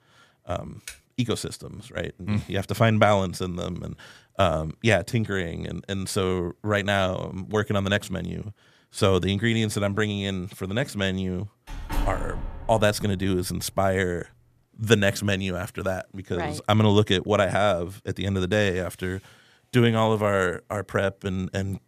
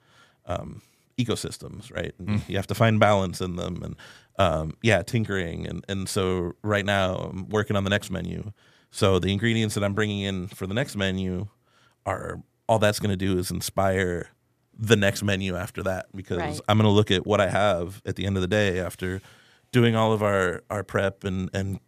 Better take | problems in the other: second | keyboard typing; faint; at 1 s; peak 15 dB below the speech // door banging; noticeable; from 12 to 13 s; peak 6 dB below the speech

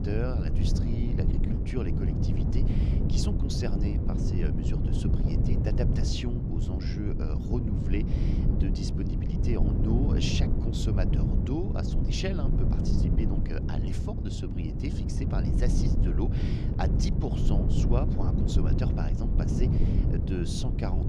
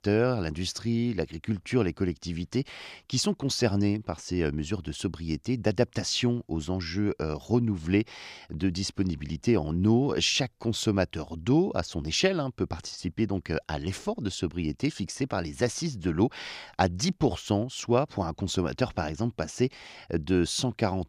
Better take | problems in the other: second | wind noise on the microphone; heavy; as loud as the speech

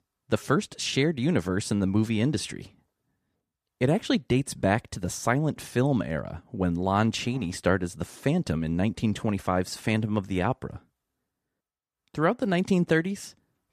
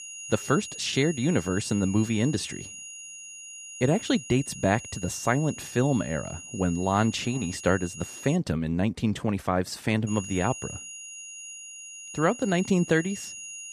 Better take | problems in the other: first | high-pitched whine; noticeable; until 8.5 s and from 10 s on; 6.5 kHz, 10 dB below the speech

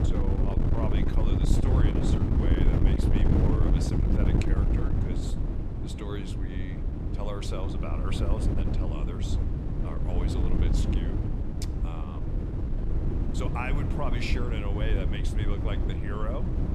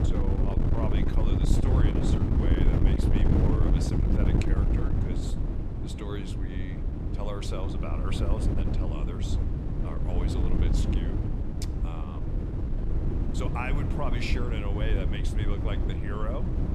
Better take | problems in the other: neither | wind noise on the microphone; heavy; 1 dB above the speech; the same in both

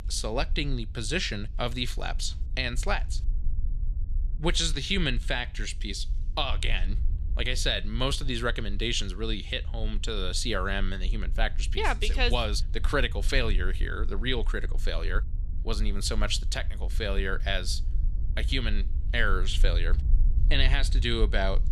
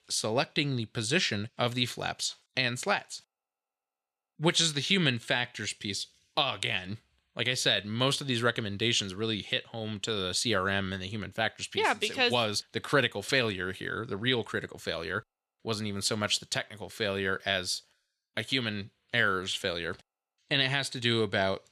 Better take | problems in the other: second | low rumble; faint; throughout; 25 dB below the speech

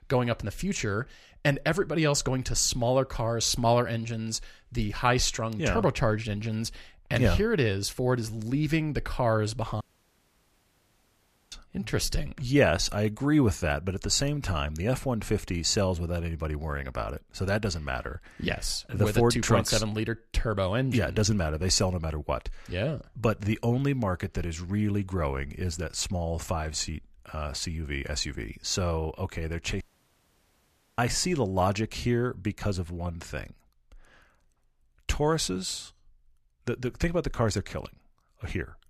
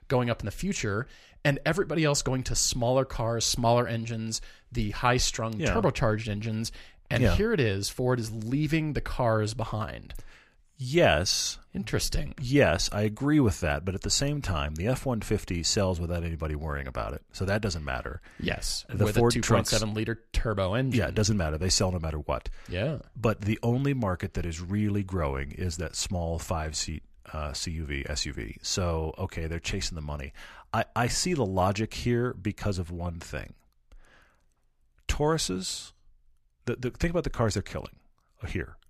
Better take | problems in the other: second | audio cutting out; at 10 s for 1.5 s and at 30 s for 1 s

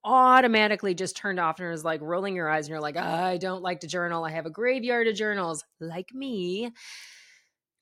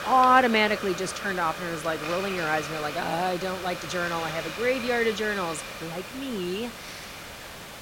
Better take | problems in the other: first | hiss; loud; throughout; 8 dB below the speech

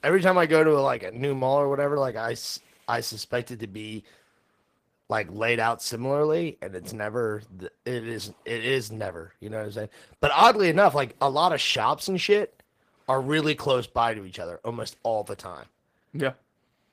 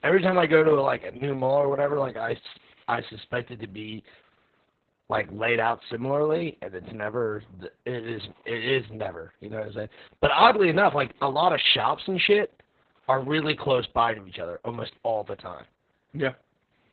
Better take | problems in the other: first | garbled, watery; badly; nothing above 4 kHz; slightly in the first

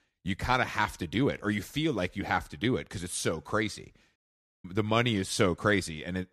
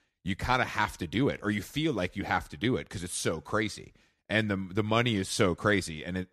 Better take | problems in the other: second | audio cutting out; at 4 s

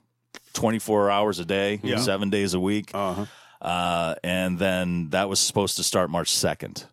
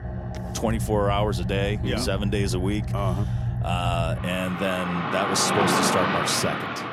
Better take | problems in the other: first | traffic noise; loud; throughout; as loud as the speech

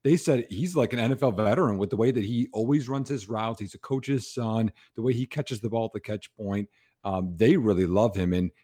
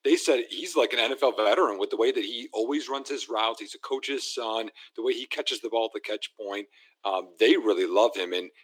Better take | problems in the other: first | thin; very; fading below 300 Hz

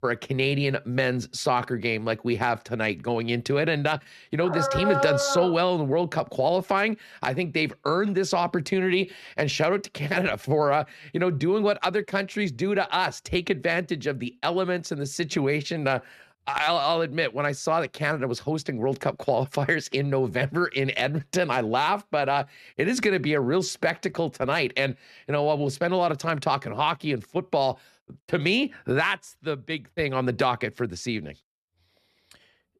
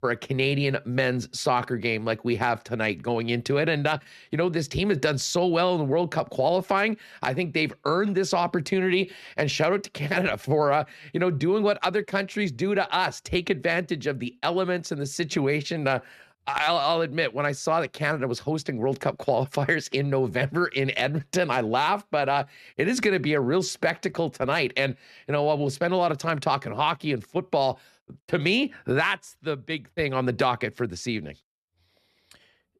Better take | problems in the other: second | dog barking; loud; from 4.5 to 5.5 s; peak 2 dB above the speech

